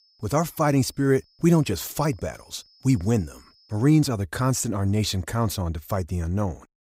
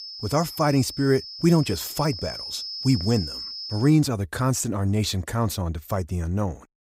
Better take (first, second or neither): first